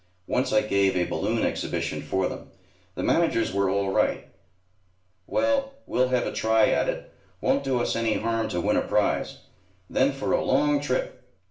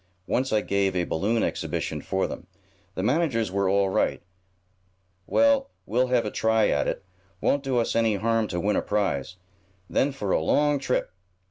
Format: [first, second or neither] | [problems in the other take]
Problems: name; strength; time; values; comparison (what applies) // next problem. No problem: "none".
second | room echo; dies away in 0.4 s